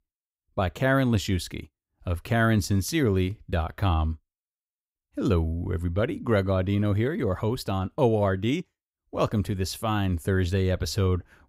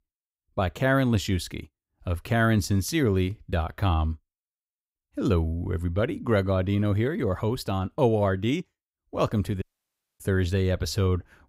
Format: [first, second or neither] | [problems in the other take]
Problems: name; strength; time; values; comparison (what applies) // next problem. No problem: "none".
first | audio cutting out; at 9.5 s for 0.5 s